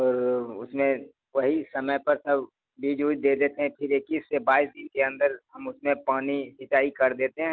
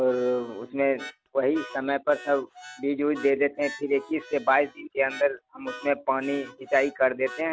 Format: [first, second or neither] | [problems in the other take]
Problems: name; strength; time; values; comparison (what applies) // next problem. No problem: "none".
first | background sound (Harmonica); 18 dB below the speech